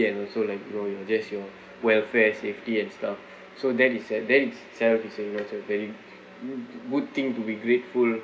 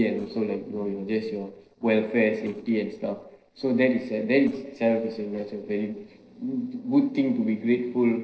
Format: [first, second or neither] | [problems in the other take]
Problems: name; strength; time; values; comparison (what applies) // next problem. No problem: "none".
first | noise reduction (neural separator model SepFormer DNS4)